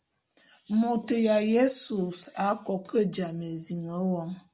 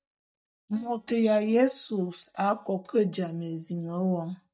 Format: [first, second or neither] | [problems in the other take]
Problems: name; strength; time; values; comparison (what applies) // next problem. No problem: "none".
first | noise reduction (neural mask model DeepFilterNet 3)